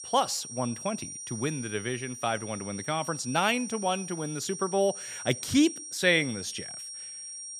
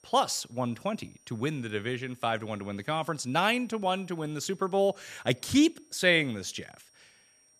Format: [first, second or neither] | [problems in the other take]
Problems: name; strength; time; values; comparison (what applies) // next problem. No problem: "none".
second | high-pitched whine; loud; throughout; 5.5 kHz, 9 dB below the speech; faint in the second